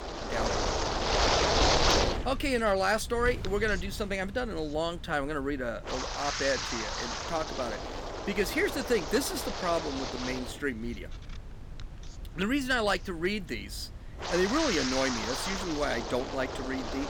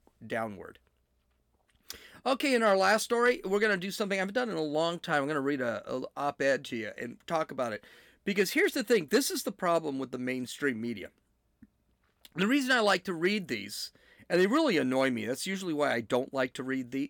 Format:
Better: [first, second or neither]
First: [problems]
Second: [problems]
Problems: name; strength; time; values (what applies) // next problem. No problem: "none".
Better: second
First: wind noise on the microphone; heavy; as loud as the speech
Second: none